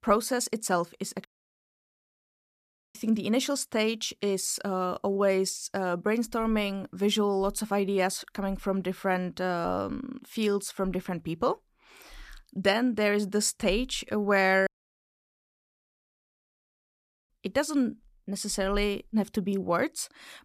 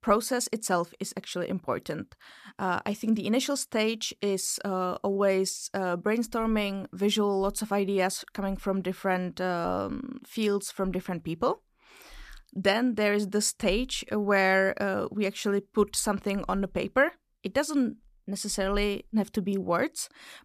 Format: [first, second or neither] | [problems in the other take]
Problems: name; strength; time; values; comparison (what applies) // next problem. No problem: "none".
second | audio cutting out; at 1.5 s for 1.5 s and at 15 s for 2.5 s